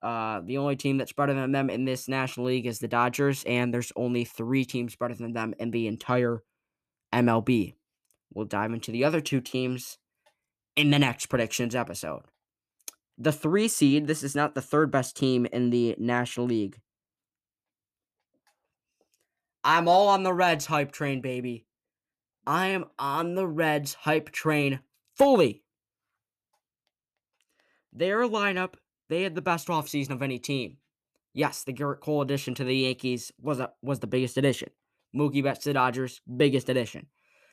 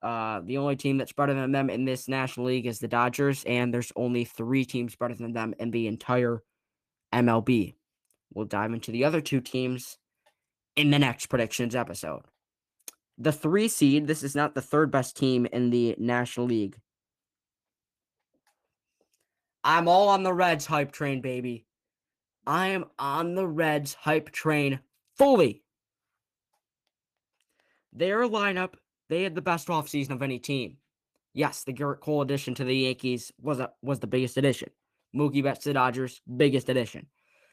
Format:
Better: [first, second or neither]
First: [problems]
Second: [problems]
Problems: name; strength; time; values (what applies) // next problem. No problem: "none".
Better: first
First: none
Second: garbled, watery; slightly; nothing above 14.5 kHz